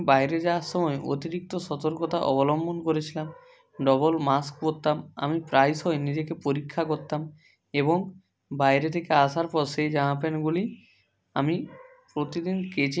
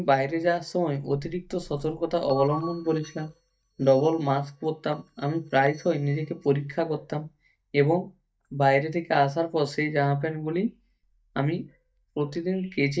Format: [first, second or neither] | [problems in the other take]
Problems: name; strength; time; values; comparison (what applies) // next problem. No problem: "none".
first | noise reduction (neural mask model DeepFilterNet 3)